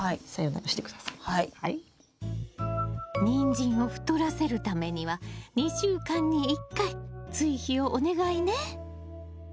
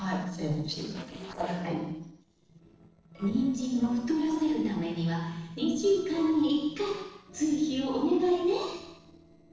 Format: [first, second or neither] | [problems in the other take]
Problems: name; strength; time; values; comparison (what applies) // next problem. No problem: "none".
first | noise reduction (neural separator model SepFormer DNS4)